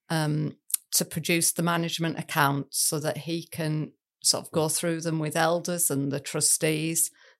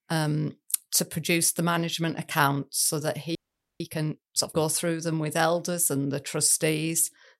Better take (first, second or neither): first